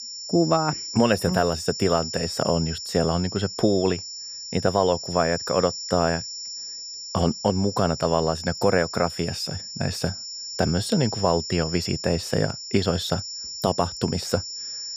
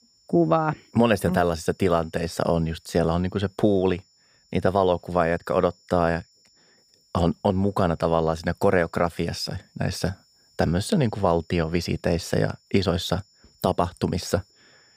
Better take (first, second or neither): second